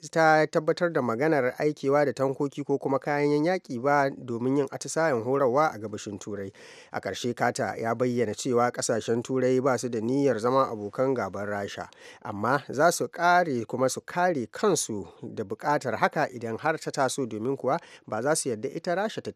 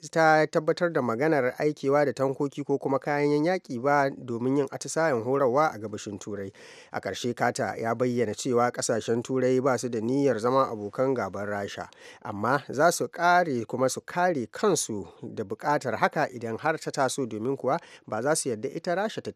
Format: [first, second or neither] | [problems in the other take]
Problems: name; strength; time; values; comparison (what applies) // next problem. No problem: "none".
neither | none